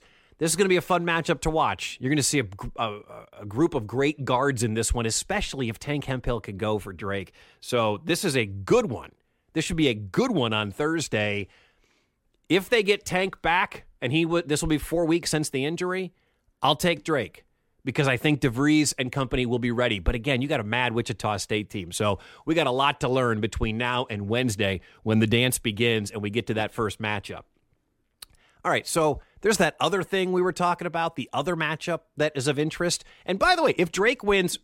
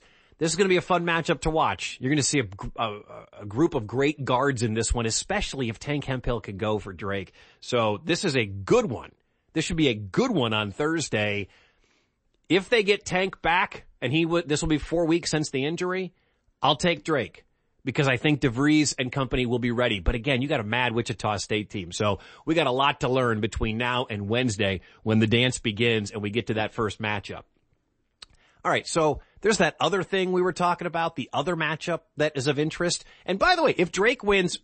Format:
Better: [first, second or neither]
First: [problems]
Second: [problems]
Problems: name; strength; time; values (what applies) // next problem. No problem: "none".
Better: first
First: none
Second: garbled, watery; slightly; nothing above 8 kHz